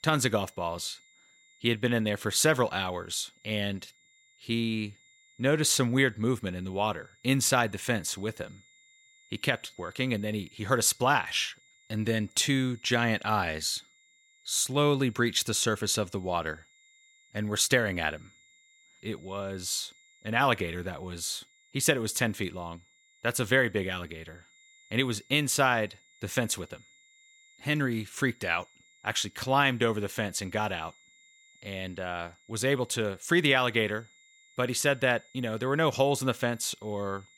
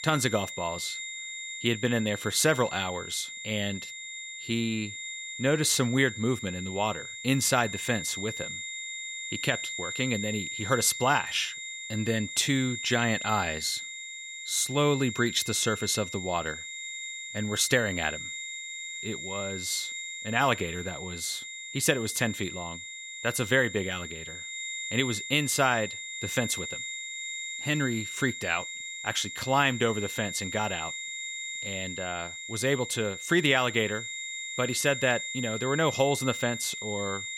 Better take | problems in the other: first | high-pitched whine; loud; throughout; 2 kHz, 7 dB below the speech; faint in the first

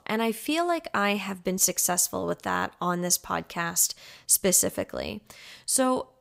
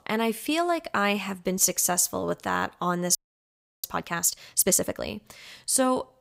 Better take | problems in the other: first | audio freezing; at 3 s for 0.5 s

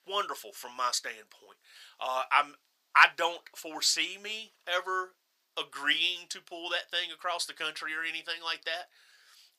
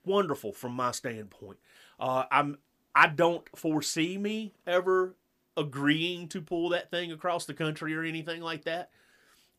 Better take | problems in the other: second | thin; very; fading below 900 Hz

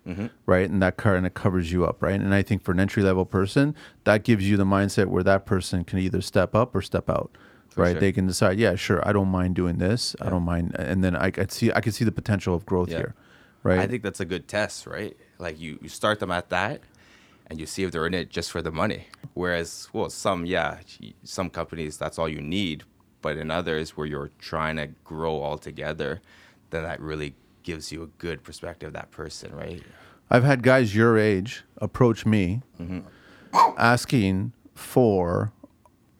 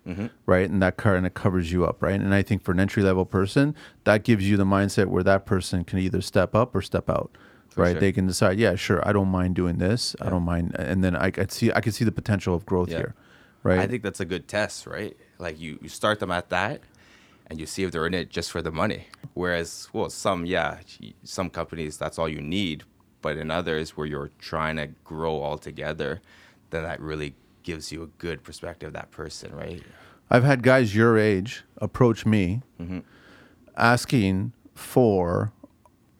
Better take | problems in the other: second | dog barking; loud; at 34 s; peak 5 dB above the speech

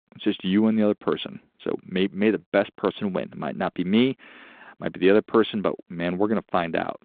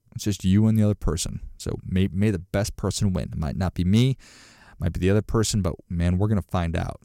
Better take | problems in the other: second | phone-call audio; nothing above 3.5 kHz

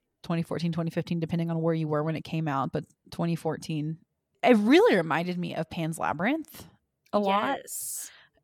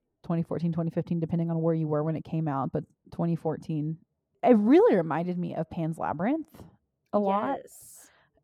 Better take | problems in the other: first | muffled; slightly; fading above 1.5 kHz

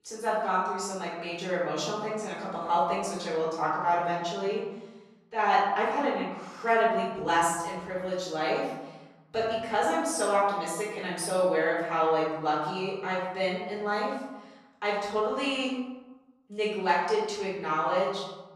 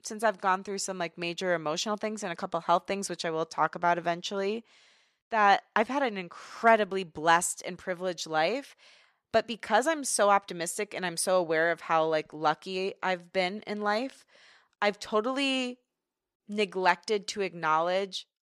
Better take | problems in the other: second | off-mic speech; far // room echo; noticeable; dies away in 1.4 s

